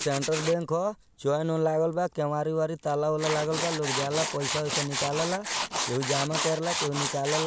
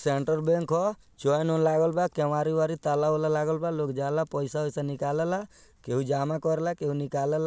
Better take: second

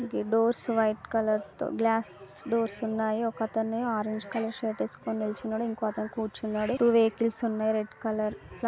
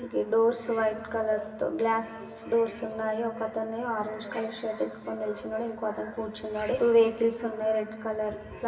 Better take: first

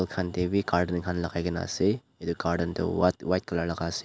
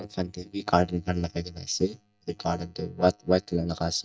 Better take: first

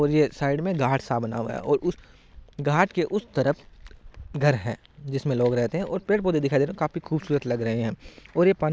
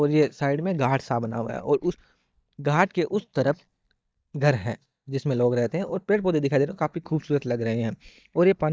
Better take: first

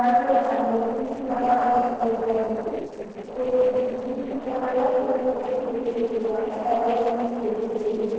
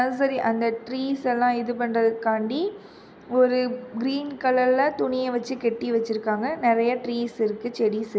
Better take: second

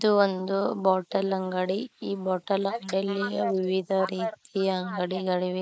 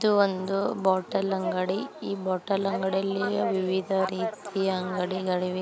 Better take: second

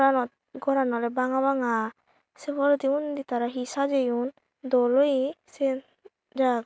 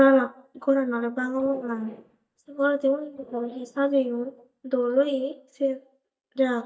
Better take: first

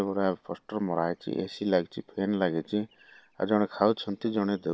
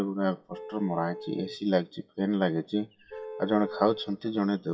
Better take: first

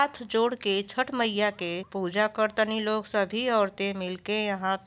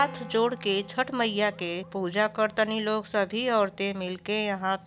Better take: first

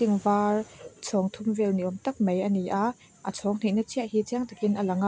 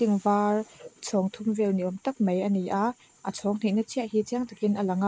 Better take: first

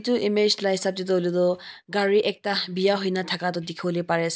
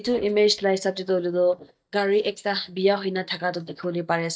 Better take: first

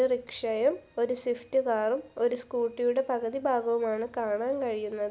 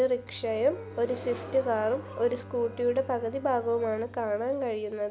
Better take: first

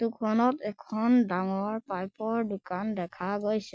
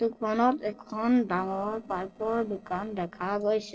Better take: first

